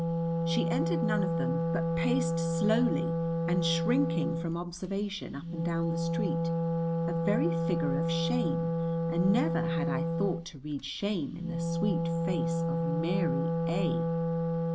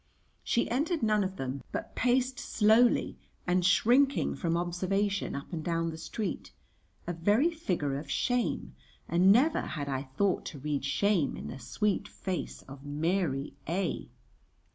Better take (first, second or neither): second